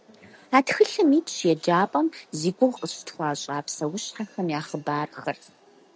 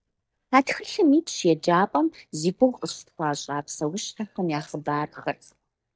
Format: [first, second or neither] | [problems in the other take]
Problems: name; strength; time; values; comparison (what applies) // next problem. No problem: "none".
first | noise reduction (neural mask model DeepFilterNet 3)